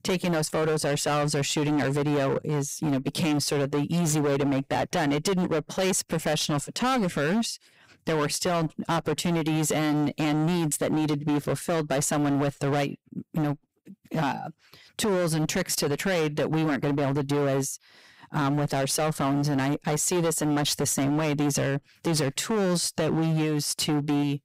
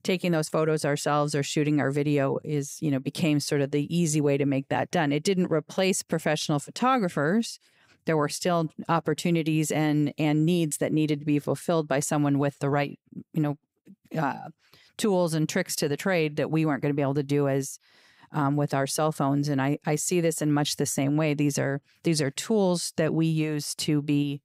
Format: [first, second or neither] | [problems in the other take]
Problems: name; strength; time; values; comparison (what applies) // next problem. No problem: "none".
second | distortion; heavy; 24% of the sound clipped